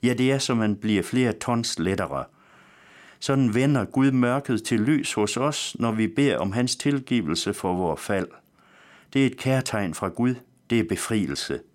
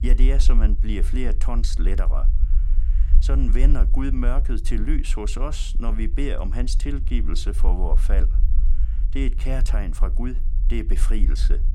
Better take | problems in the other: first | low rumble; noticeable; throughout; 15 dB below the speech

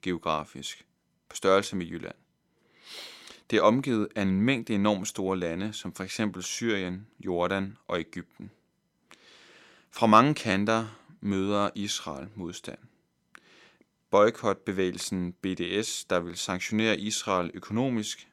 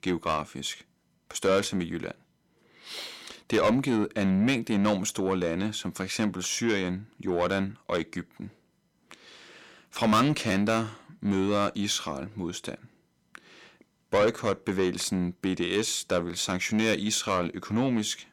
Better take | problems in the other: first | distortion; heavy; 8 dB below the speech

